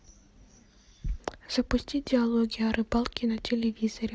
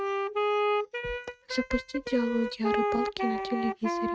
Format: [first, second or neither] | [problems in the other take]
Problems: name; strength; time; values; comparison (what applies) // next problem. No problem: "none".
first | noise reduction (neural mask model RNNoise)